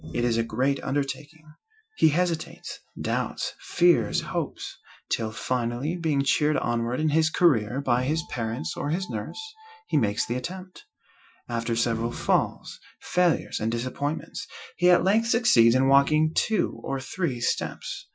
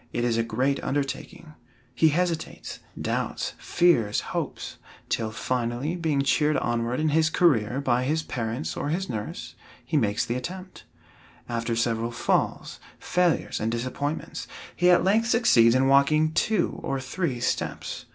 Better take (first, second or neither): second